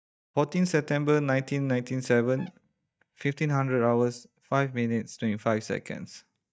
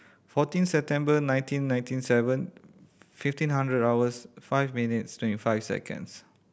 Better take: second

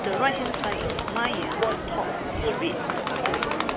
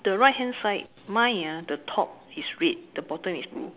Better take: second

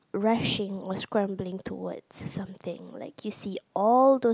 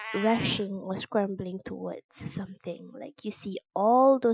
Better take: first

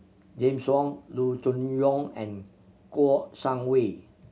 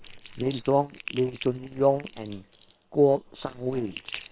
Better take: first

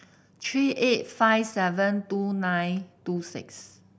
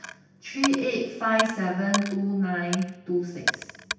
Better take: first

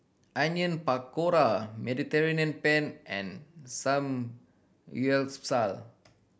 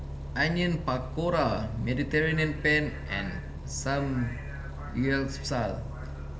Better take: first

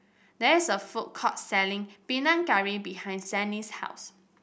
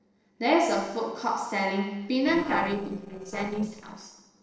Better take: first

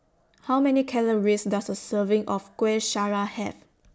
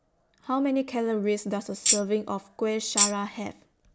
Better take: first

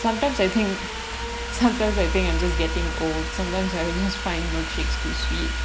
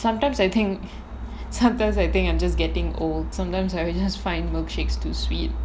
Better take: second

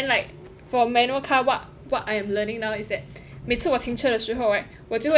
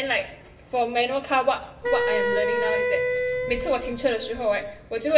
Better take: first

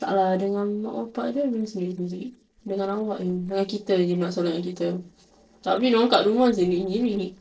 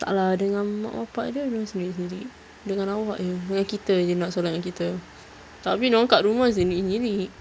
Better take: second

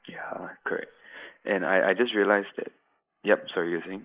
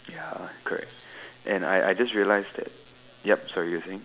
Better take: second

